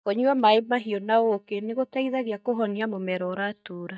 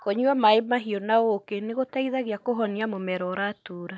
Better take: second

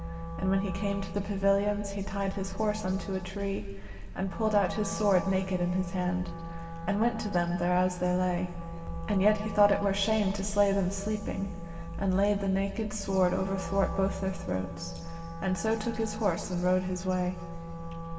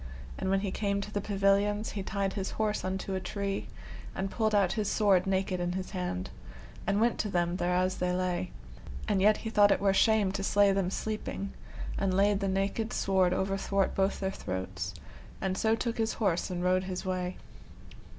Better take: second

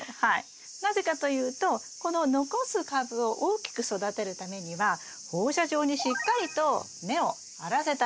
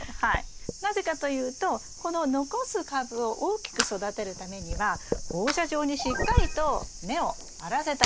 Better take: first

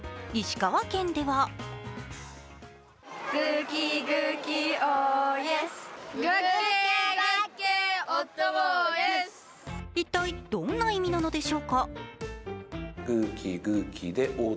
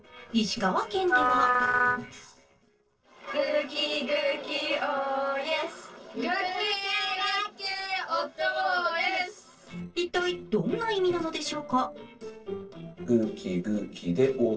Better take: first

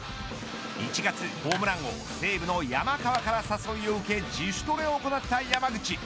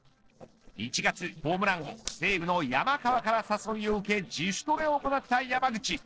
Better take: first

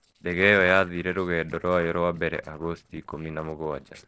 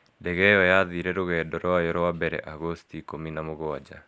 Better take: second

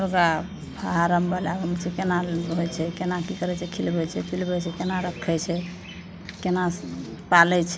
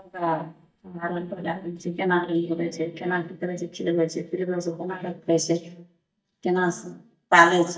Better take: first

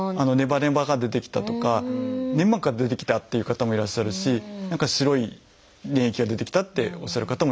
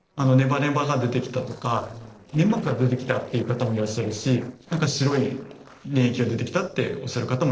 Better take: first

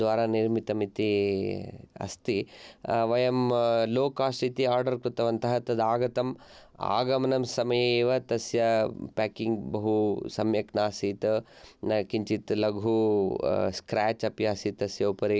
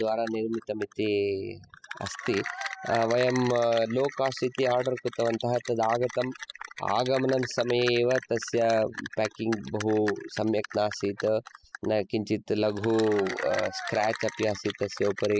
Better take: first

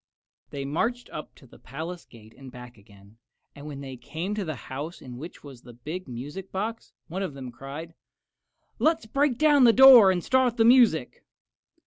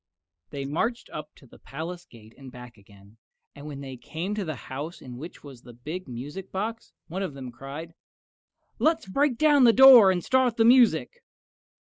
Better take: first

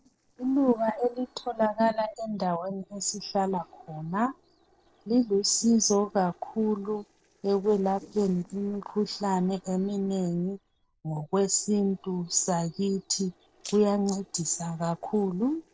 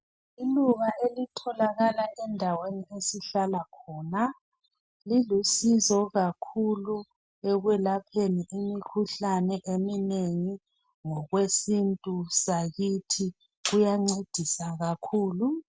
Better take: second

